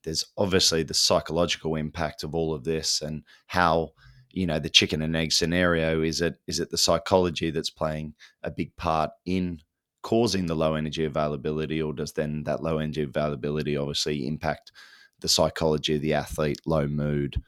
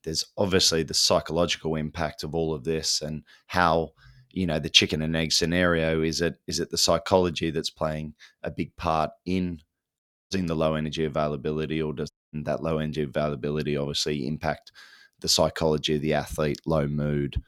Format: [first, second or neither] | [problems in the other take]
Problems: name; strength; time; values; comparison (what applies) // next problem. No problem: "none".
first | audio cutting out; at 10 s and at 12 s